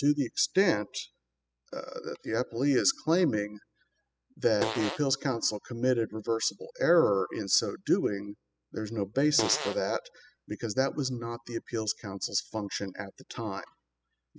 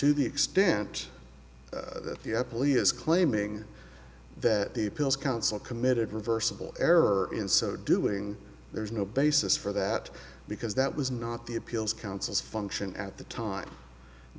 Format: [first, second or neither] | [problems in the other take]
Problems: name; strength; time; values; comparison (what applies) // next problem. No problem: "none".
second | noise reduction (classical method spectral subtraction)